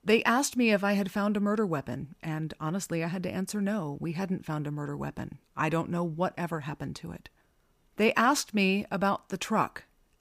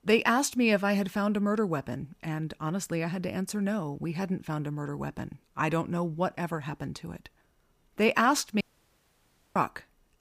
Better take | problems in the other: first | audio cutting out; at 8.5 s for 1 s

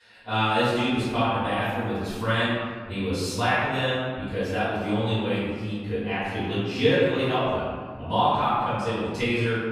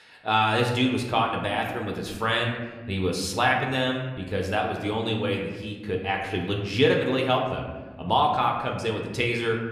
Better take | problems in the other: second | room echo; strong; dies away in 1.7 s; slight in the second // off-mic speech; far

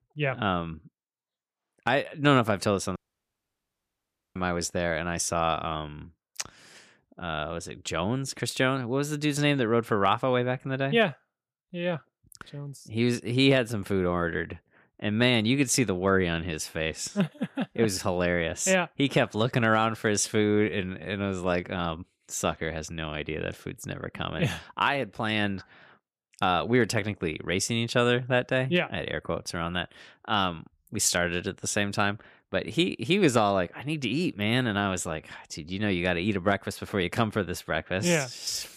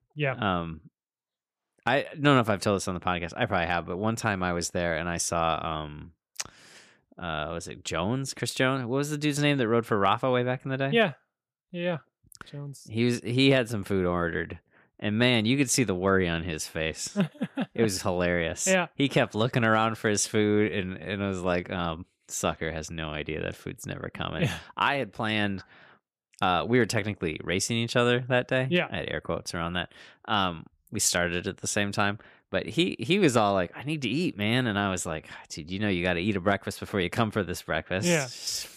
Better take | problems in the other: second | audio cutting out; at 3 s for 1.5 s

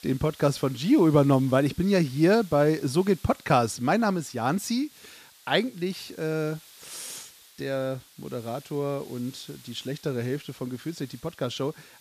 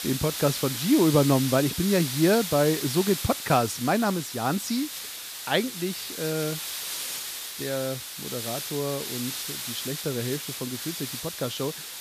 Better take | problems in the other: first | hiss; loud; throughout; 5 dB below the speech; faint in the first

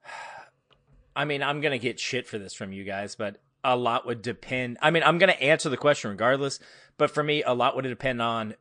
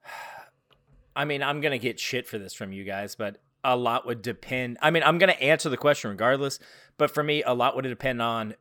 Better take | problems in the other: second | garbled, watery; slightly; nothing above 9 kHz

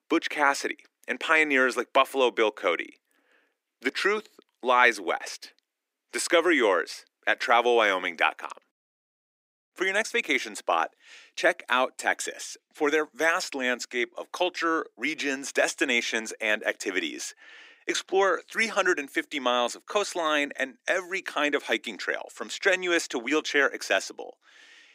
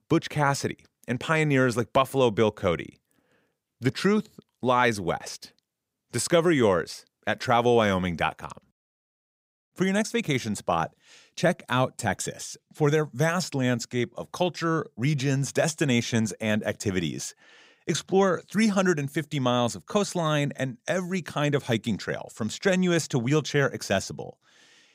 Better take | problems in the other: second | thin; somewhat; fading below 300 Hz

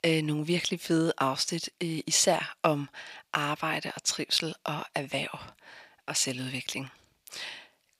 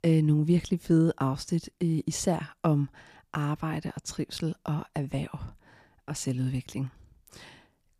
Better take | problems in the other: second | thin; somewhat; fading below 950 Hz

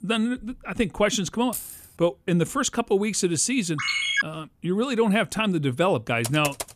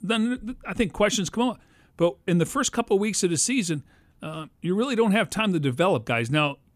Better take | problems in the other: second | jangling keys; noticeable; at 1.5 s; peak 9 dB below the speech // phone ringing; loud; at 4 s; peak 2 dB above the speech // keyboard typing; noticeable; at 6 s; peak 8 dB below the speech

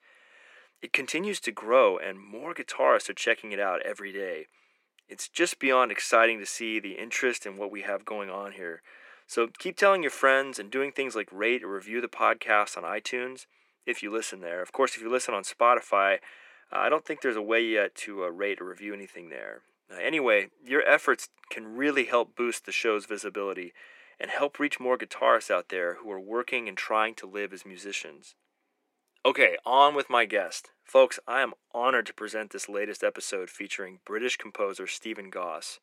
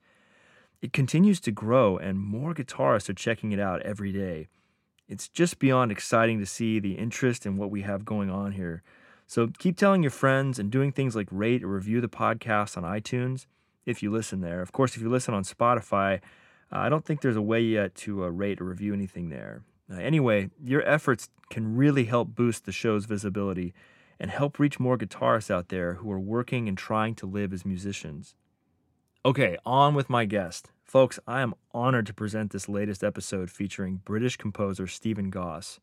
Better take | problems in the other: second | thin; very; fading below 350 Hz

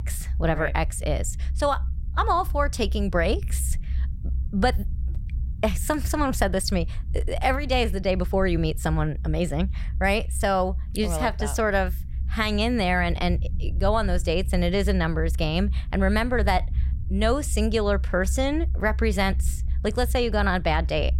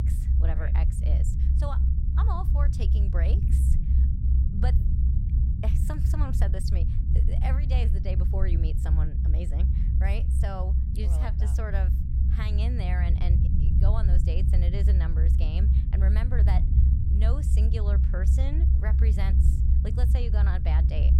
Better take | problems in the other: first | low rumble; loud; throughout; 2 dB below the speech; faint in the first

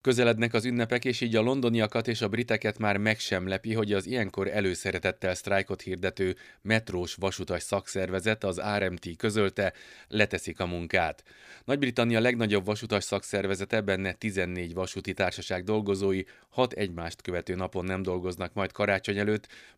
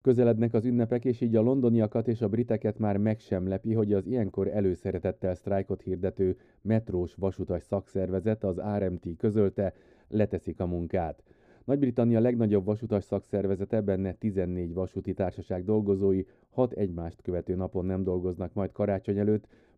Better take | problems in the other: first | muffled; very; fading above 1 kHz

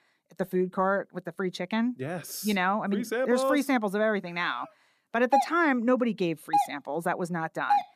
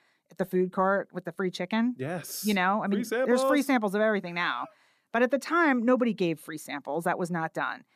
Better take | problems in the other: second | doorbell; loud; from 5.5 s on; peak 1 dB above the speech

